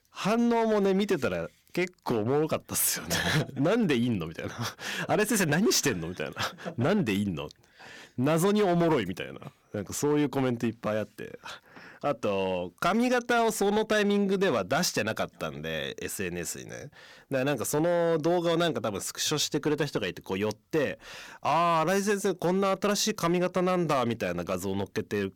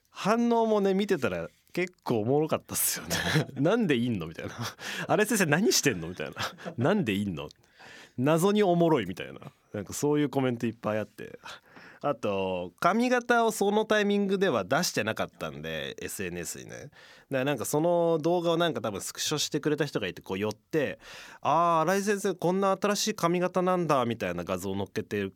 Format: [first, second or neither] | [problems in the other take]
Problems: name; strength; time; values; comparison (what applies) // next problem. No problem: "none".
second | distortion; slight; 7% of the sound clipped